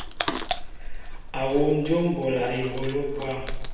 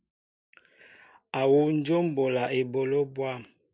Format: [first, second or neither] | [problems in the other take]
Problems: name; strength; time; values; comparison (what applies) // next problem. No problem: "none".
second | background sound (Chewing, mastication); 4 dB below the speech // room echo; dies away in 0.9 s